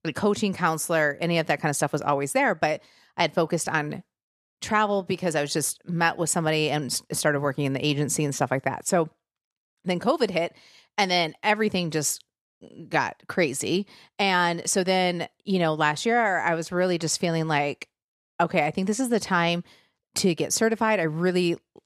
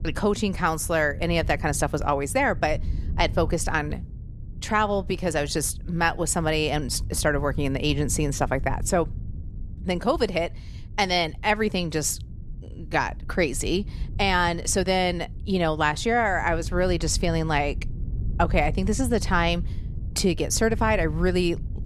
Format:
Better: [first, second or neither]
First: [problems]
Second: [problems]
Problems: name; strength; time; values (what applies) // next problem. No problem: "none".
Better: first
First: none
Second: low rumble; faint; throughout; 25 dB below the speech